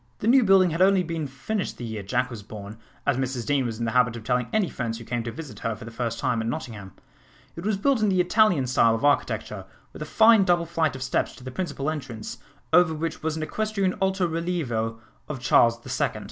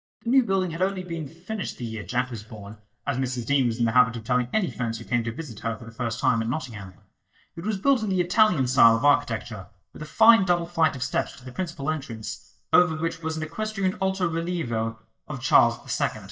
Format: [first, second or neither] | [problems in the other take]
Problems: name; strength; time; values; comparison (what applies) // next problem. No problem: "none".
first | noise reduction (neural mask model DeepFilterNet 3)